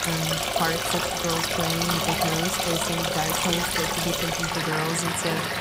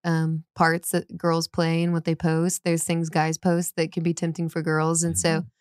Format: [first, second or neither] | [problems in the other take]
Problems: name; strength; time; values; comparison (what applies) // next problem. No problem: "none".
second | rain or running water; very loud; throughout; 5 dB above the speech